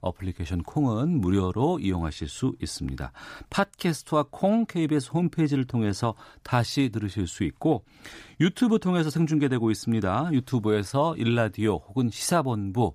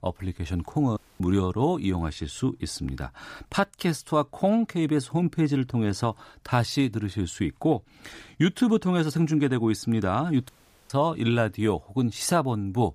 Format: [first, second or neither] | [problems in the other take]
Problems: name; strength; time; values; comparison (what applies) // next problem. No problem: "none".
first | audio cutting out; at 1 s and at 10 s